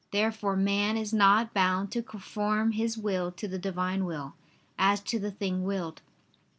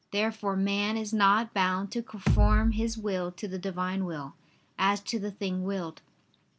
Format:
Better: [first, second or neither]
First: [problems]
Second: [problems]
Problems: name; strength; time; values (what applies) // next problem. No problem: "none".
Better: first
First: none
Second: background sound (Bass drum); 3 dB above the speech